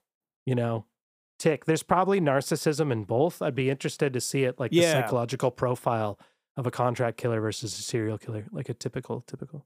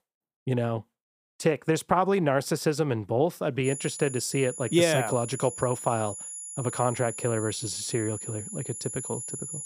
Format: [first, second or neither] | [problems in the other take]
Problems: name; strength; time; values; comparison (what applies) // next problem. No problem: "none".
first | high-pitched whine; loud; from 3.5 s on; 10.5 kHz, 8 dB below the speech